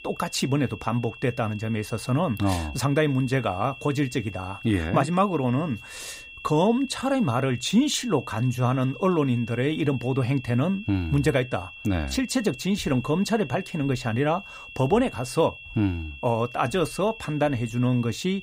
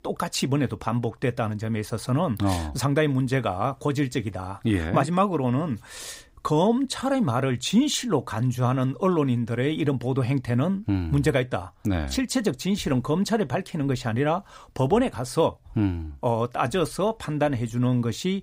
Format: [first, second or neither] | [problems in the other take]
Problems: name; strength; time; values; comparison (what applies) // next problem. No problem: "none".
second | high-pitched whine; noticeable; throughout; 2.5 kHz, 15 dB below the speech